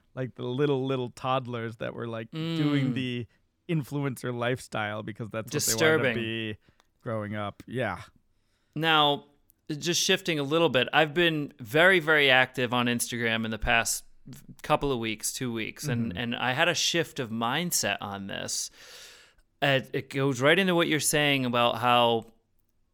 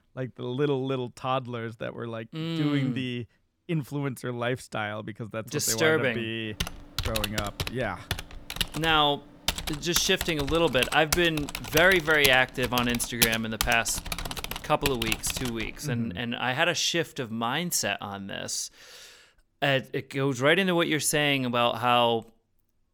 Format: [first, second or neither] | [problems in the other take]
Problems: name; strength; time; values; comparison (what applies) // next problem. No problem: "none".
first | keyboard typing; loud; from 6.5 to 16 s; peak 1 dB above the speech